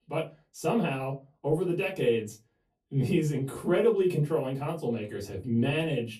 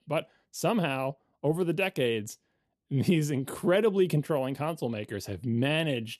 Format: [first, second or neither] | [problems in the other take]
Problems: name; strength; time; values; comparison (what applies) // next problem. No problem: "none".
second | off-mic speech; far // room echo; very slight; dies away in 0.2 s